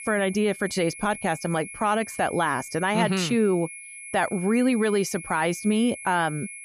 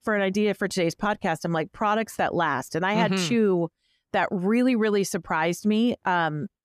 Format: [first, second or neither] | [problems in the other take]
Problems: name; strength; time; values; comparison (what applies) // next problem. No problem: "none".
second | high-pitched whine; noticeable; throughout; 10.5 kHz, 15 dB below the speech